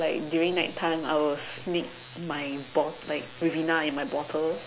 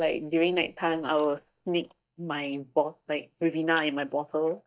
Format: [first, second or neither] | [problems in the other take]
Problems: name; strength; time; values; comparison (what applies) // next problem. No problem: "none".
first | noise reduction (neural mask model DeepFilterNet 3)